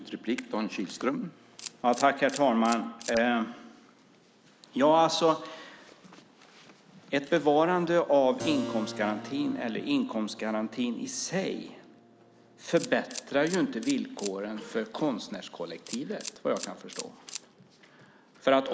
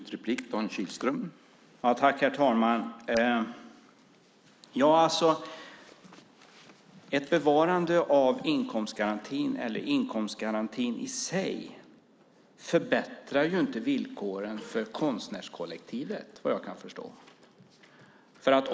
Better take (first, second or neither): second